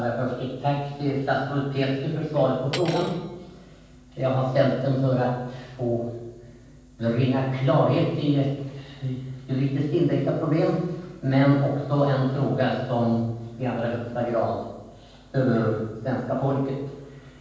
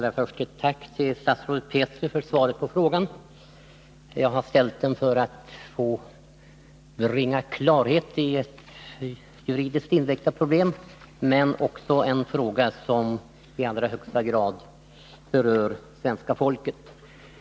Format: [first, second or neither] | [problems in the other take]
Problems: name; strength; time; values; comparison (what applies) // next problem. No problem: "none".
second | background sound (Cutlery, silverware); 16 dB below the speech // room echo; dies away in 1.2 s